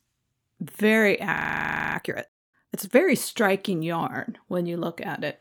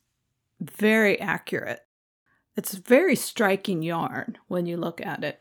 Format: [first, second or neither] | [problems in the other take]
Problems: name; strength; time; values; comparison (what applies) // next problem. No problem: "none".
second | audio freezing; at 1.5 s for 0.5 s